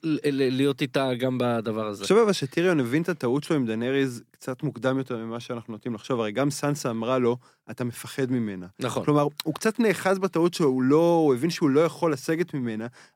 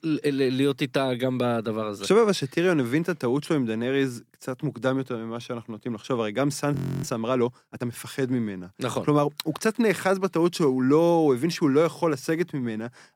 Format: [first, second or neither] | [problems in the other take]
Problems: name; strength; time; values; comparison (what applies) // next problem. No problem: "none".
first | audio freezing; at 7 s